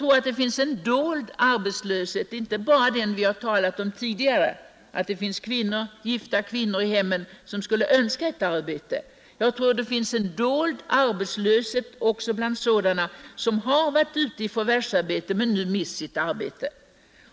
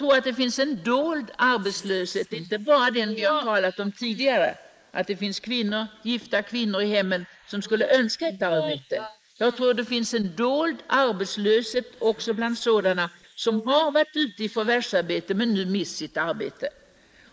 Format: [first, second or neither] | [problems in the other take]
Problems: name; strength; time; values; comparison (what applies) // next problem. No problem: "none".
first | noise reduction (neural mask model Resemble Enhance denoiser)